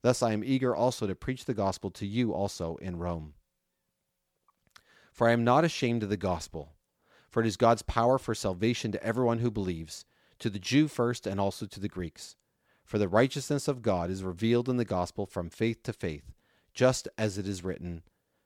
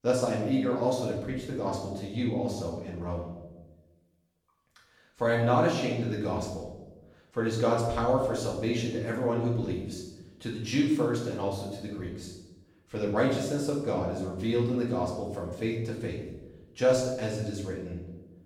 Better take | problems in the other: first | off-mic speech; far // room echo; noticeable; dies away in 0.9 s

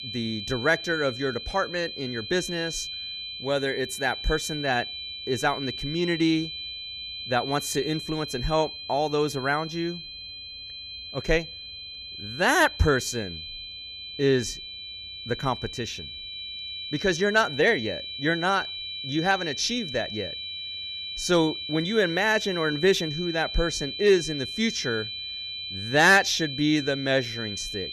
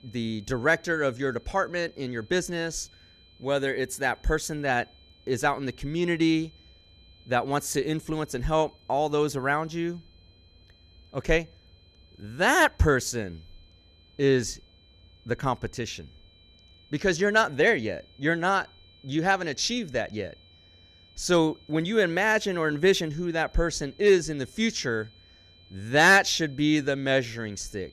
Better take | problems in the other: second | high-pitched whine; loud; throughout; 4 kHz, 8 dB below the speech; faint in the second

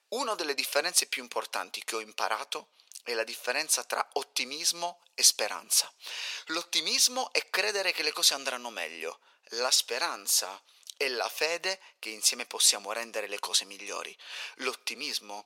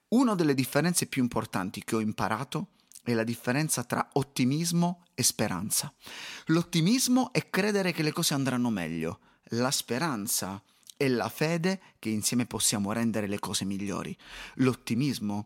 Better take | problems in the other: second | thin; very; fading below 500 Hz

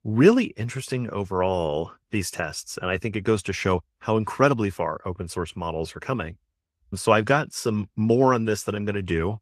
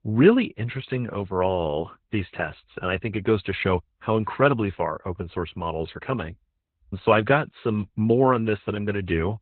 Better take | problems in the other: first | garbled, watery; badly; nothing above 4 kHz; slightly in the first

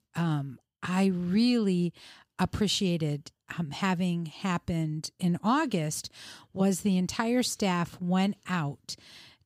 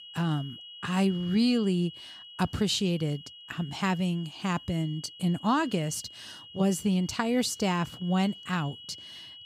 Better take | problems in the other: first | high-pitched whine; noticeable; throughout; 3 kHz, 15 dB below the speech

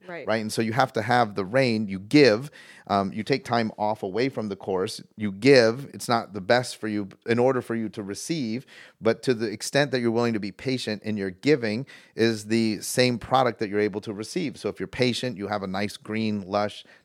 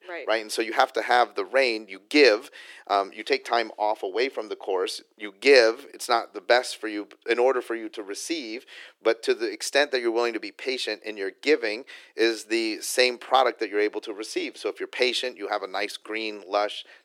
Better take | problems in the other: first | thin; somewhat; fading below 350 Hz

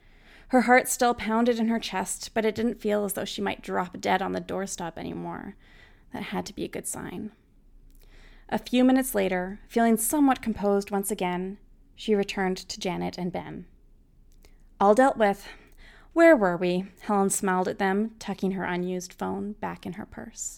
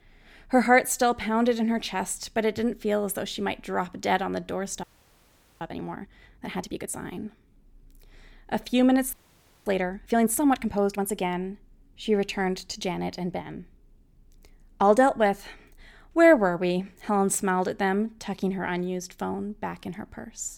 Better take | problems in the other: first | audio freezing; at 5 s for 1 s and at 9 s for 0.5 s

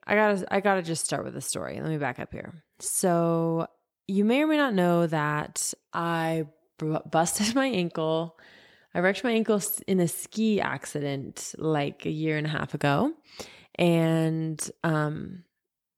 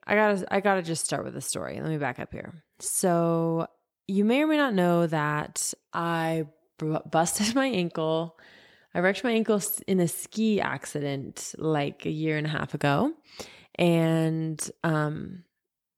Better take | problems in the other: neither | none

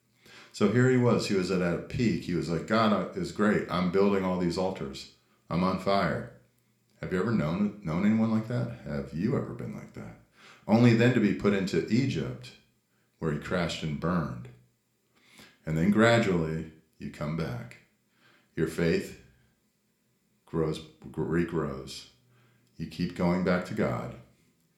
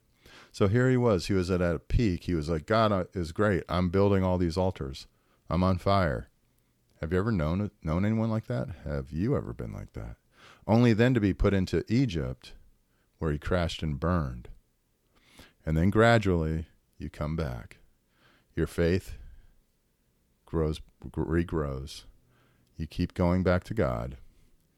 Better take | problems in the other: second | room echo; very slight; dies away in 0.4 s

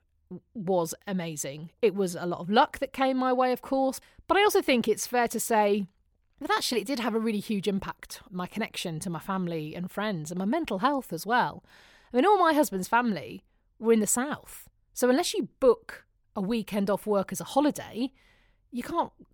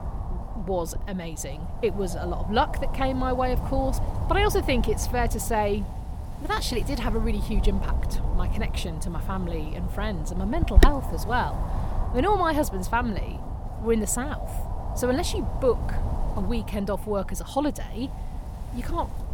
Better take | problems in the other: first | wind noise on the microphone; occasional gusts; 10 dB below the speech

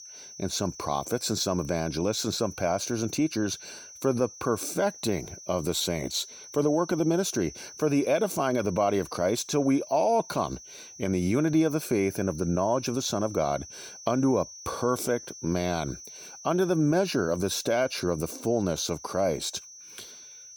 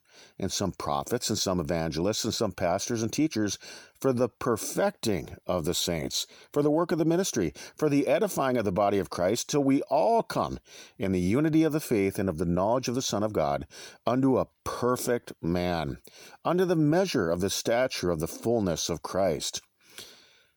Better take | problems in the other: second | high-pitched whine; noticeable; throughout; 6 kHz, 15 dB below the speech

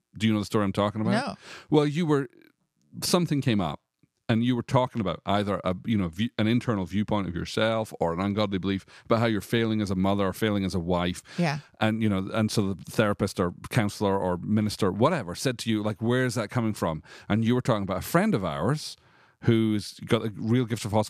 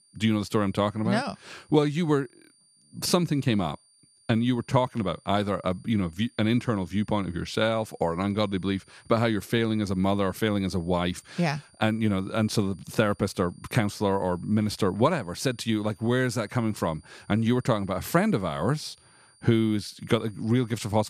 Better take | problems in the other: first | high-pitched whine; faint; throughout; 9 kHz, 30 dB below the speech

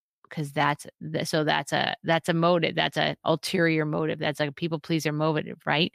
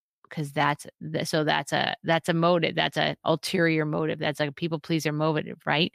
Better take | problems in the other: neither | none

